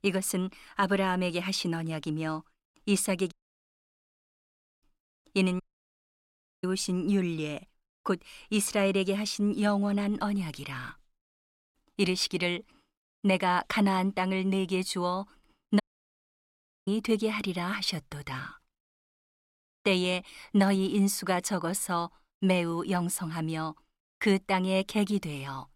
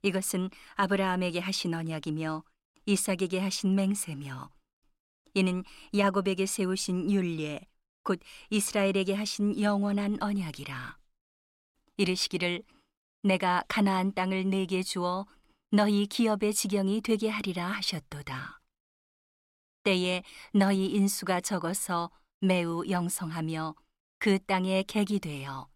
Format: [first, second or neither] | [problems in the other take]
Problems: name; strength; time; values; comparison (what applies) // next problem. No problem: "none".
second | audio cutting out; at 3.5 s for 1.5 s, at 5.5 s for 1 s and at 16 s for 1 s